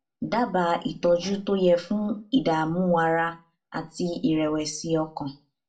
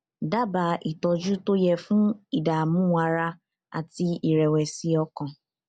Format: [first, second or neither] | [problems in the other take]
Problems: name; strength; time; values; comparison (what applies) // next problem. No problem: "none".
second | room echo; dies away in 0.3 s